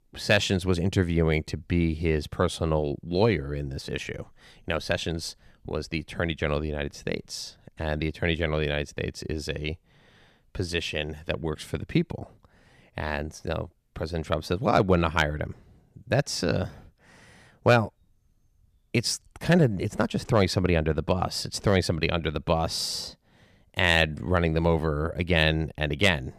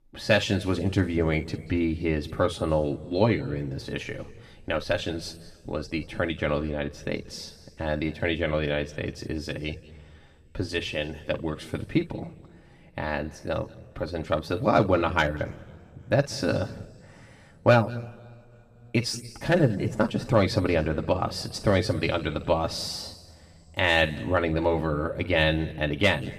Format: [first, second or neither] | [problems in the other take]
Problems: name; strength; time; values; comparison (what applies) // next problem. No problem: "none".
first | room echo; slight; dies away in 1.4 s // off-mic speech; somewhat distant